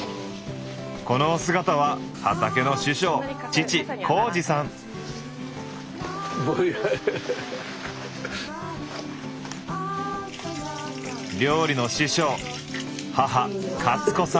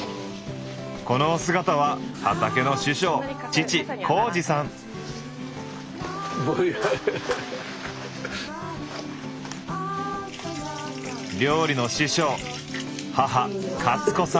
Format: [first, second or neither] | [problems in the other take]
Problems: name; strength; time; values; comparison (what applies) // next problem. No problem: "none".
first | background sound (Clapping + Gasp); 20 dB below the speech